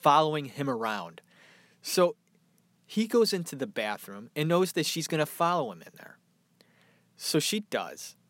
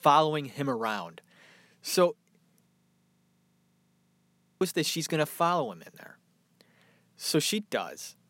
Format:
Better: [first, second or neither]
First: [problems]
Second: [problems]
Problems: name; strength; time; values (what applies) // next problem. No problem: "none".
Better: first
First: none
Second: audio freezing; at 2.5 s for 2 s